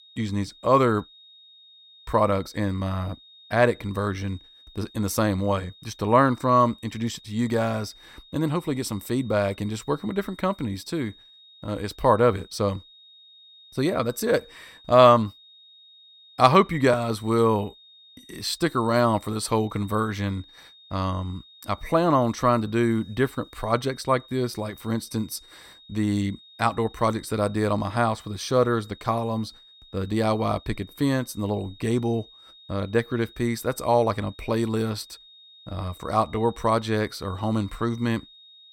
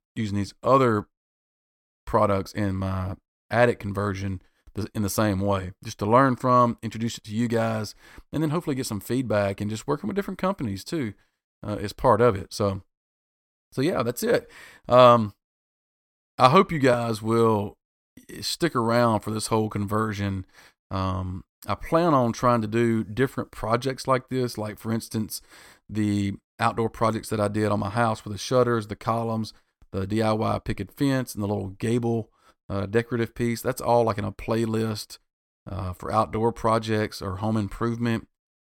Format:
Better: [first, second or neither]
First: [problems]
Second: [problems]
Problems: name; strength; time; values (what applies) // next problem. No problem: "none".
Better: second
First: high-pitched whine; faint; throughout; 3.5 kHz, 25 dB below the speech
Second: none